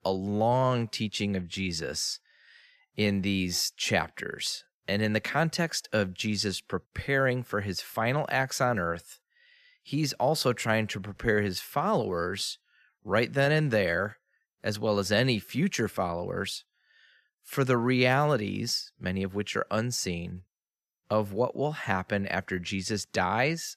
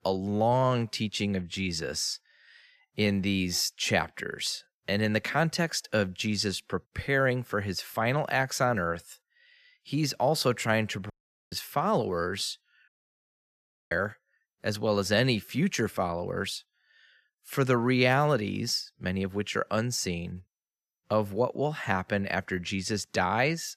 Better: first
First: none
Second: audio cutting out; at 11 s and at 13 s for 1 s

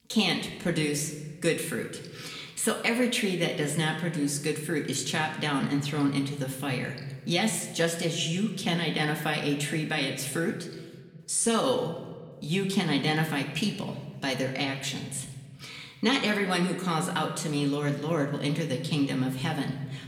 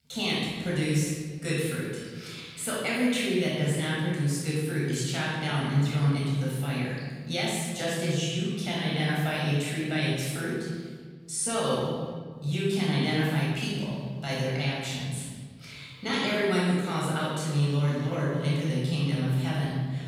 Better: first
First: room echo; slight; dies away in 1.2 s // off-mic speech; somewhat distant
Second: room echo; strong; dies away in 1.8 s // off-mic speech; far

